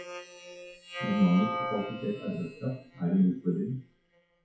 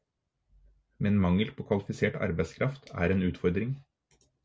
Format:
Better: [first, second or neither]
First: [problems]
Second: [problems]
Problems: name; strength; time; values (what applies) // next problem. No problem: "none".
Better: second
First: noise reduction (classical method WPE with log-MMSE)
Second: none